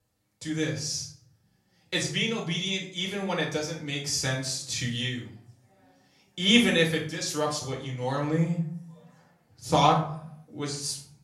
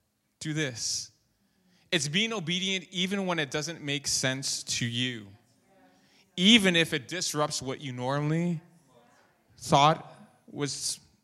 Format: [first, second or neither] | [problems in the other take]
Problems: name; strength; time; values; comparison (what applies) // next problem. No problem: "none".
second | off-mic speech; far // room echo; slight; dies away in 0.5 s